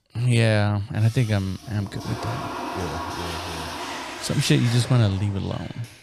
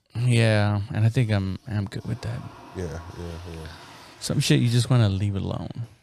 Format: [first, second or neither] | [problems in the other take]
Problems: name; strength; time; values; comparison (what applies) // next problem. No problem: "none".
second | household noises; loud; throughout; 10 dB below the speech; faint in the second